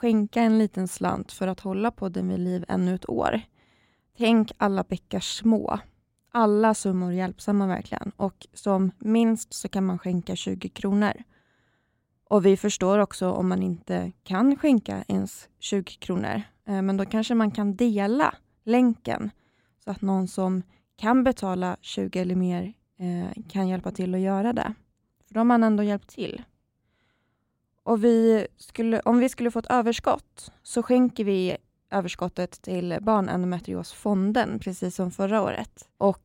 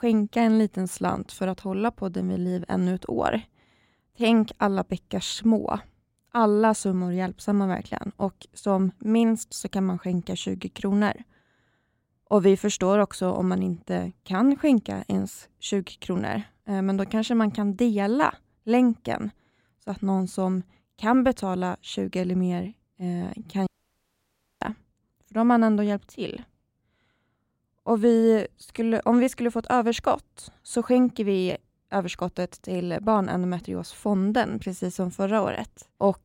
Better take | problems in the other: first | audio cutting out; at 24 s for 1 s

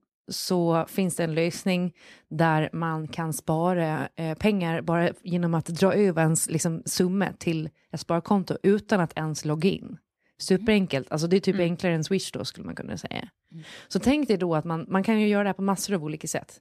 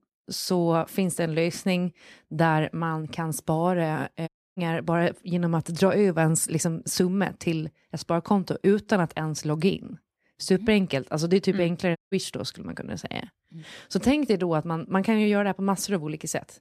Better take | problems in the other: first | audio cutting out; at 4.5 s and at 12 s

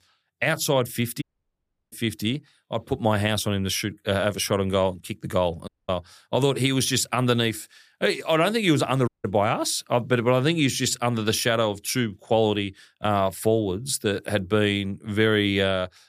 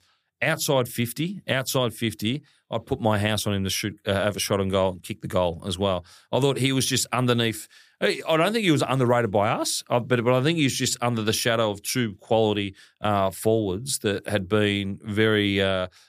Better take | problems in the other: second | audio cutting out; at 1 s for 0.5 s, at 5.5 s and at 9 s

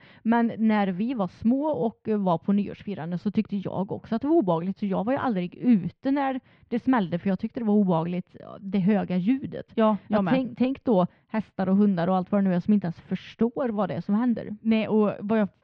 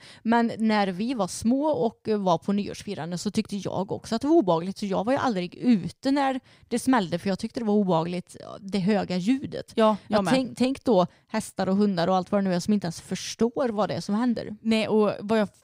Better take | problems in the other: second | muffled; very; fading above 3 kHz

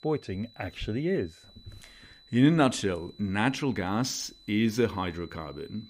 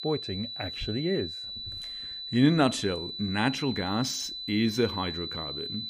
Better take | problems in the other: first | high-pitched whine; loud; throughout; 4 kHz, 6 dB below the speech; faint in the first

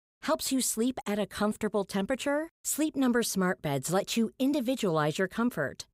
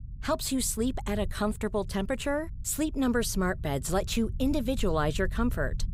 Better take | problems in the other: first | low rumble; faint; throughout; 25 dB below the speech

